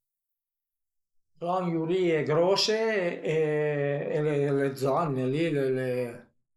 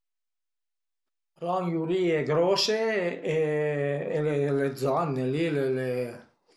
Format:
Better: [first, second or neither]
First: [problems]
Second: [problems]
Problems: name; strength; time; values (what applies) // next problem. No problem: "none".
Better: second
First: noise reduction (neural mask model Resemble Enhance denoiser)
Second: none